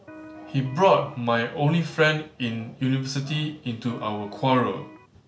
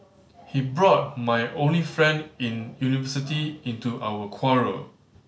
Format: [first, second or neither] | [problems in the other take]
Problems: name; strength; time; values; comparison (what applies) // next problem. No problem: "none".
second | background sound (Electric guitar); 18 dB below the speech